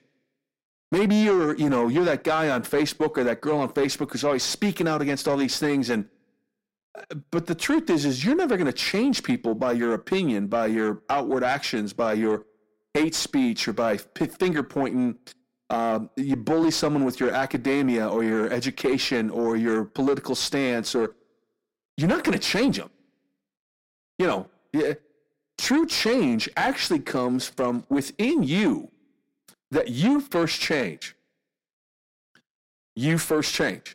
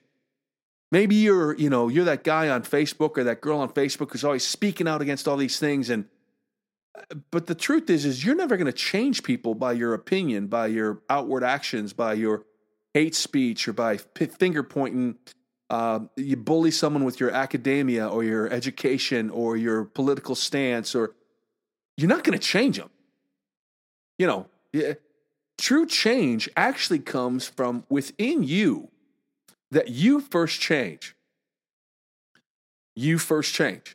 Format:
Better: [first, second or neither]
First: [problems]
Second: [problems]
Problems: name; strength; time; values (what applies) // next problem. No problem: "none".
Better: second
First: distortion; slight; 10 dB below the speech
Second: none